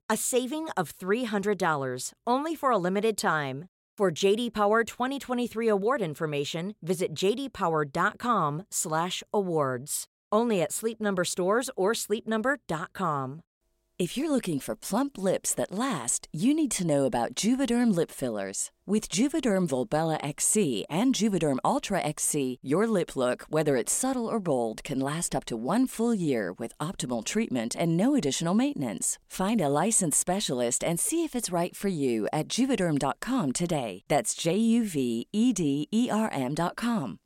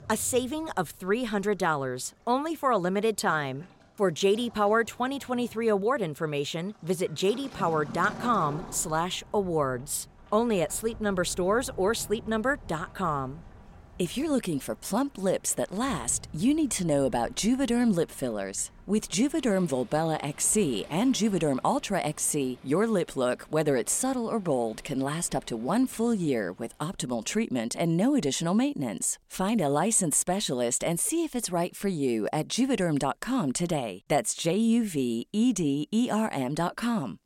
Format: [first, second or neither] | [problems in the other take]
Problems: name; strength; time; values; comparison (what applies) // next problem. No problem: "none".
first | rain or running water; faint; until 27 s; 20 dB below the speech